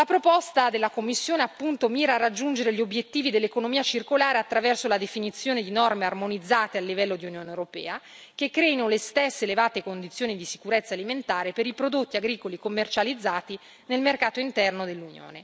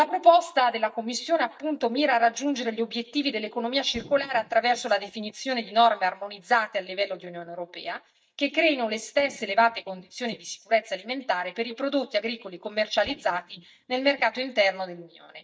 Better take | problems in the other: first | noise reduction (neural mask model DeepFilterNet 3)

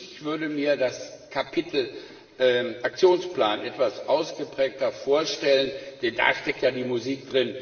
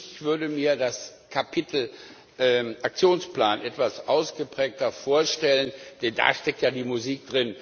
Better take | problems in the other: second | room echo; dies away in 1.6 s

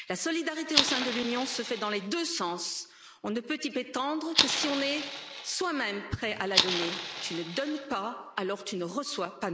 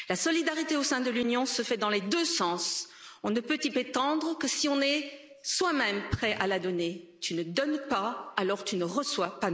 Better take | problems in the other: second | background sound (Fire); as loud as the speech

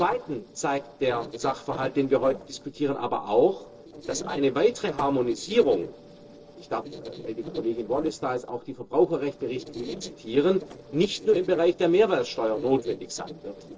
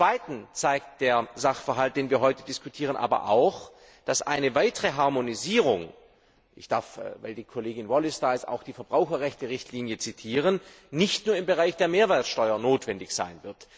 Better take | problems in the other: second | noise reduction (neural separator model SepFormer DNS4)

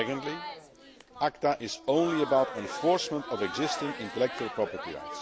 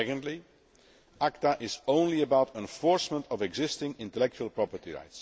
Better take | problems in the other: second | background sound (Crowd); 9 dB below the speech

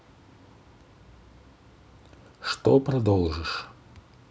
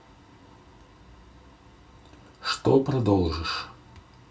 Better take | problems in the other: first | room echo; dies away in 0.2 s

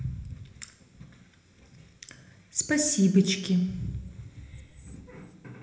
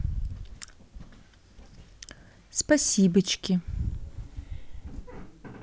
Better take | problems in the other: second | room echo; dies away in 1 s

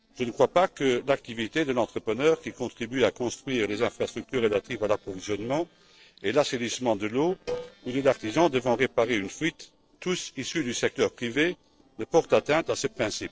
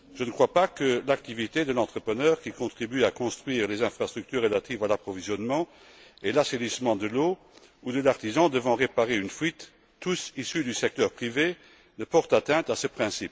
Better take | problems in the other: second | noise reduction (neural separator model SepFormer DNS4)

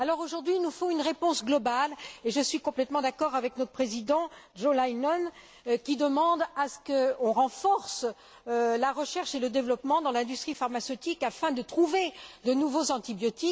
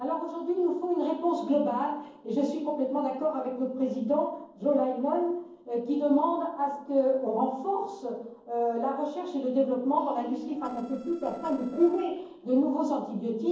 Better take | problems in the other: first | noise reduction (neural separator model SepFormer DNS4)

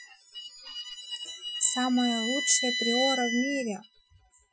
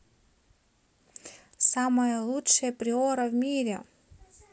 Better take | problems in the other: second | noise reduction (classical method Wiener filter)

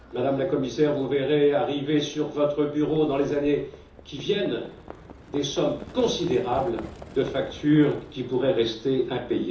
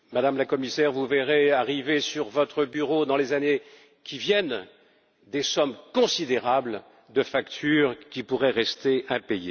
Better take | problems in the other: second | background sound (Livestock, farm animals, working animals); 19 dB below the speech // room echo; dies away in 0.7 s

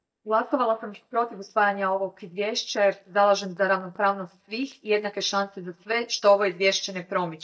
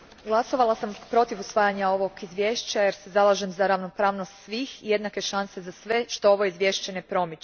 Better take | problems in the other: second | noise reduction (neural mask model DeepFilterNet 3)

